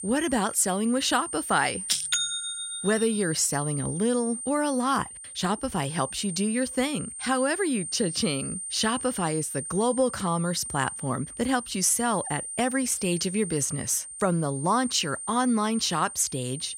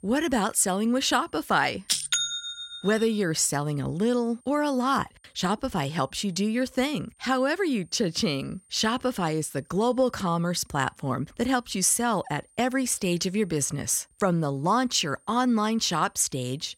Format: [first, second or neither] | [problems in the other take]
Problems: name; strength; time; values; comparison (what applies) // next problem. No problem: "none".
second | high-pitched whine; loud; throughout; 9 kHz, 7 dB below the speech; faint in the second